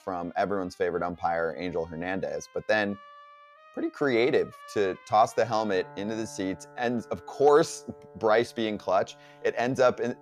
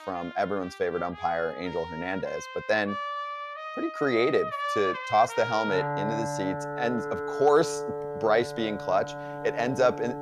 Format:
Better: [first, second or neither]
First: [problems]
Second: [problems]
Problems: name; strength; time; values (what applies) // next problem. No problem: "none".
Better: first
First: background music; faint; throughout; 25 dB below the speech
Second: background music; loud; throughout; 6 dB below the speech